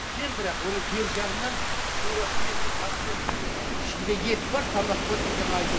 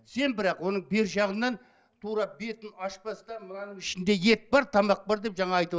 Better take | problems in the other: second | background sound (Rain / Thunderstorm); 4 dB above the speech // room echo; dies away in 0.8 s

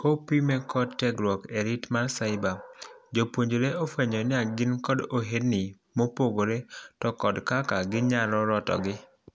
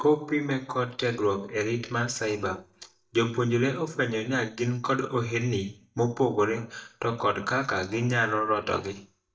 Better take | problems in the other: first | noise reduction (neural mask model DeepFilterNet 3)

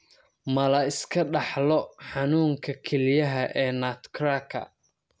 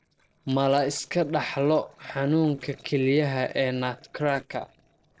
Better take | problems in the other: first | noise reduction (neural separator model SepFormer DNS4)

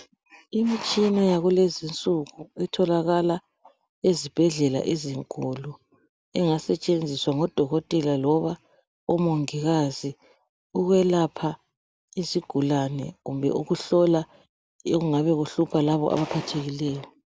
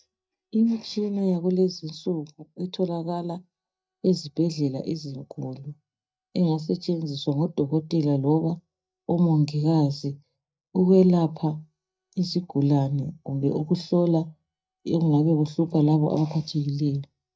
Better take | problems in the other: first | noise reduction (neural mask model DeepFilterNet 3)

